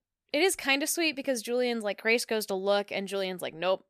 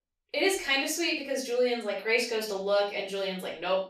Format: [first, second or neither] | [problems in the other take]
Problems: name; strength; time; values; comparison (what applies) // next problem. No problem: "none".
first | room echo; noticeable; dies away in 0.3 s // off-mic speech; far